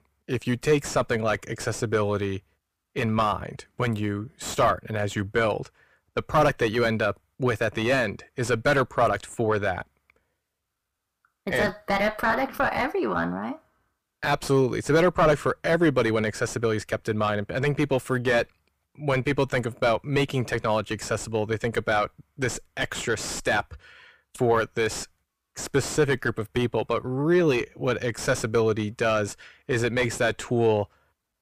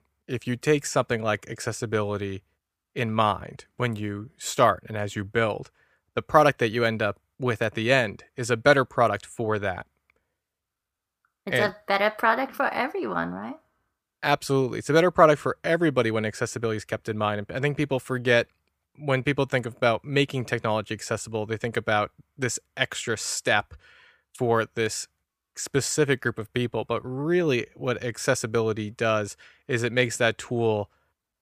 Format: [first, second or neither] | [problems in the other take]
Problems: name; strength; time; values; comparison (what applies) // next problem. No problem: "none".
second | distortion; heavy; 6 dB below the speech